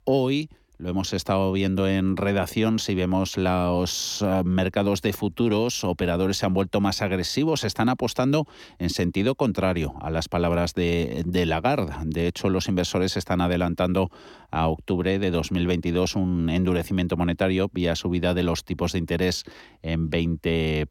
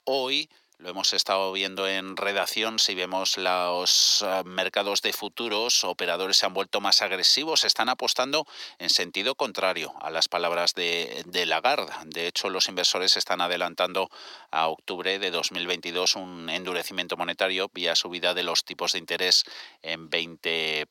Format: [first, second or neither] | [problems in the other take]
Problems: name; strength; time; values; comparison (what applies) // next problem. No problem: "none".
first | thin; very; fading below 700 Hz